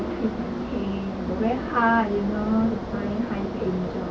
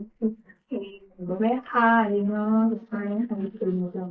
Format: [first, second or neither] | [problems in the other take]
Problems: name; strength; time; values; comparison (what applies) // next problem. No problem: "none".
first | noise reduction (neural mask model Resemble Enhance denoiser)